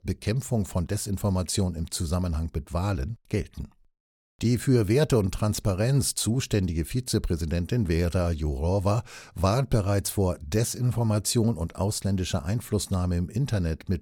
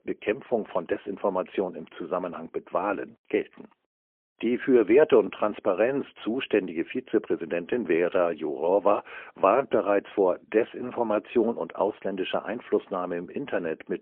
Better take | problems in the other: first | phone-call audio; poor line; nothing above 3.5 kHz

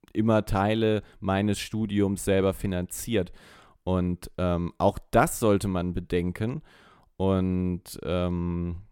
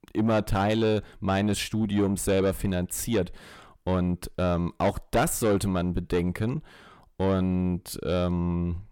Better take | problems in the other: first | distortion; slight; 10 dB below the speech

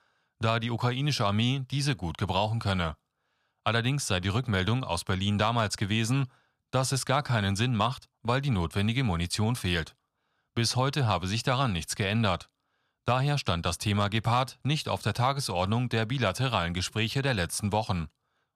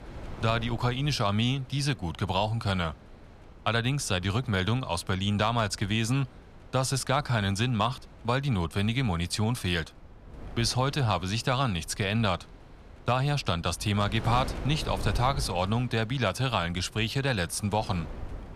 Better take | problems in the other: first | wind noise on the microphone; occasional gusts; 20 dB below the speech

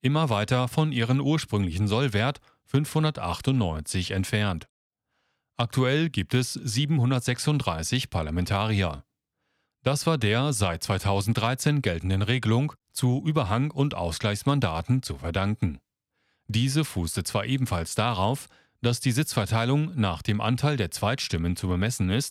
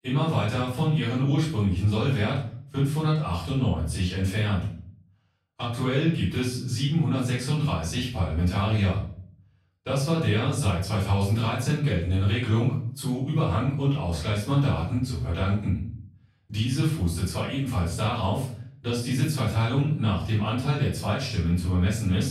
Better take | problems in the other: first | off-mic speech; far // room echo; noticeable; dies away in 0.5 s

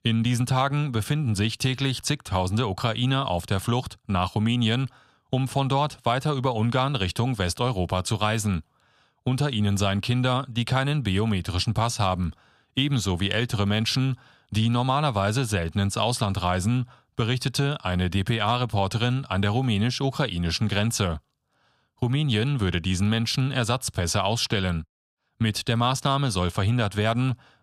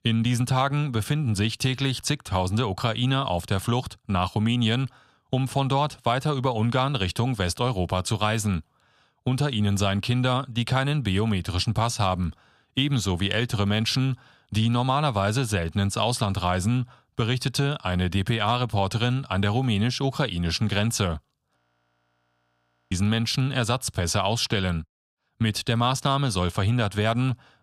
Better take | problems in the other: first | audio freezing; at 22 s for 1.5 s

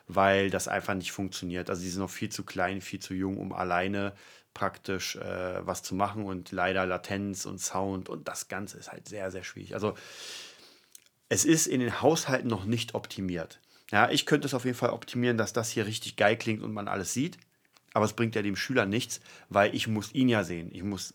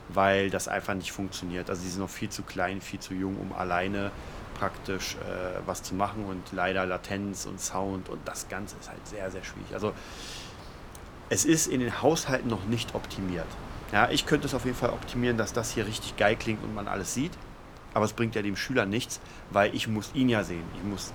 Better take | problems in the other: first | wind noise on the microphone; occasional gusts; 15 dB below the speech

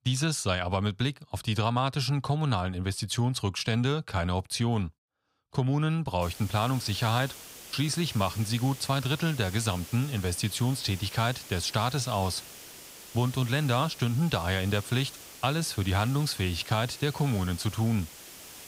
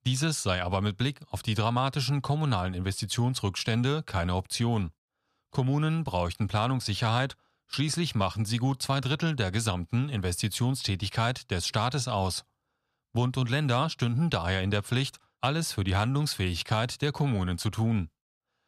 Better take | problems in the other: second | hiss; noticeable; from 6 s on; 15 dB below the speech

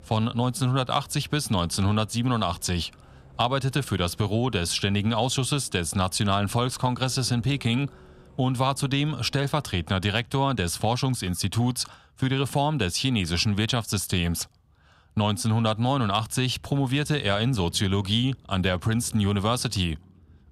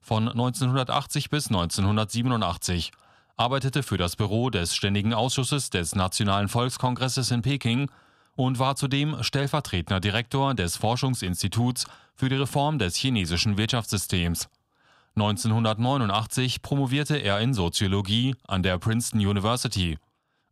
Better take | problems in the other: second | traffic noise; faint; throughout; 25 dB below the speech

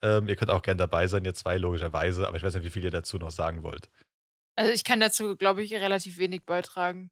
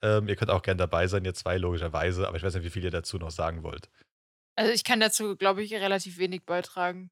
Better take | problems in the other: second | garbled, watery; slightly; nothing above 15.5 kHz

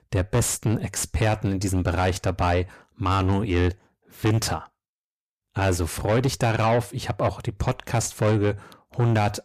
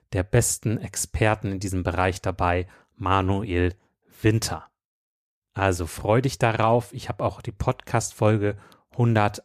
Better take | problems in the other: second | distortion; heavy; 7 dB below the speech

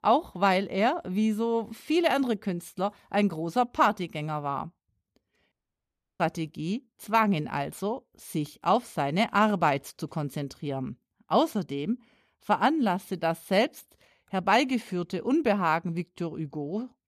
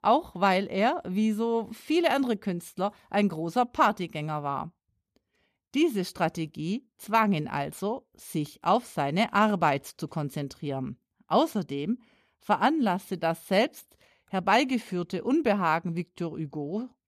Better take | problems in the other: second | audio cutting out; at 5.5 s for 0.5 s

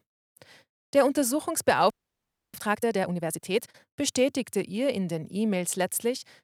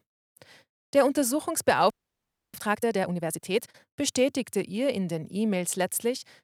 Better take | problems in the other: neither | audio freezing; at 2 s for 0.5 s; the same in both

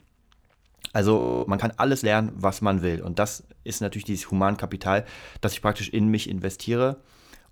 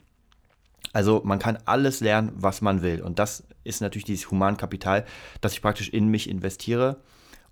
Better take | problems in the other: second | audio freezing; at 1 s

